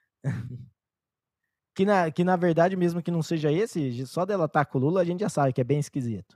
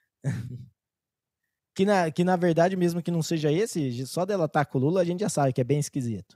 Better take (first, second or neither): second